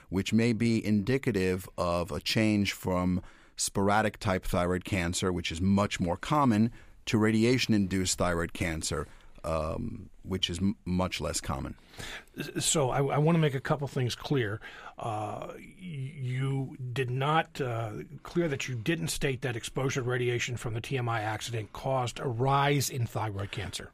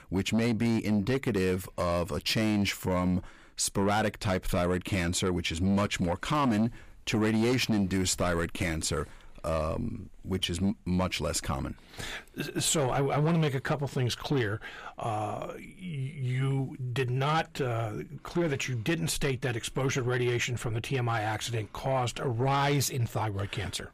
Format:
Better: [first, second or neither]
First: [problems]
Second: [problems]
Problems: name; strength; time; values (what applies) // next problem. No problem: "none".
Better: first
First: none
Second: distortion; slight; 10 dB below the speech